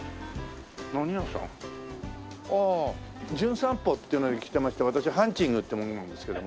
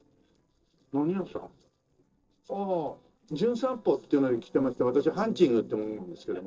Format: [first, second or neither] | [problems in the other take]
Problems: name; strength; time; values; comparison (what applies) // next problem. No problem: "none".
first | noise reduction (neural separator model SepFormer DNS4)